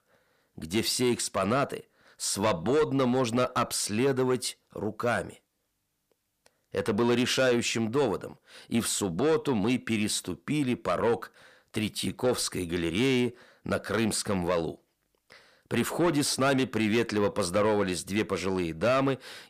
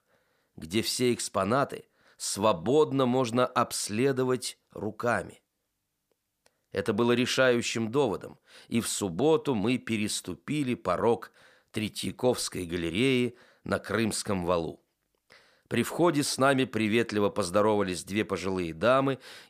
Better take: second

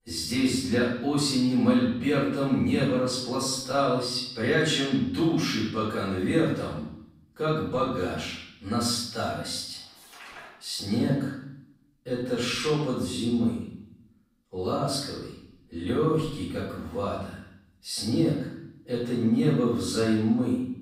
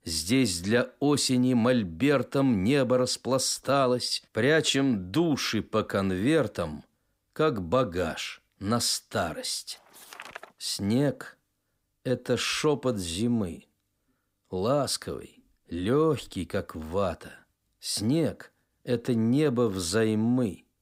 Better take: second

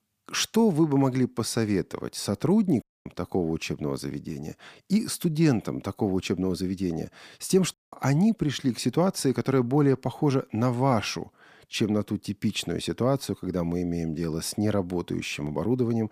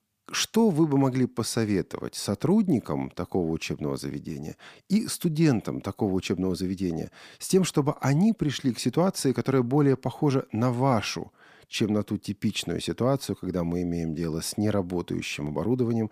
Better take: second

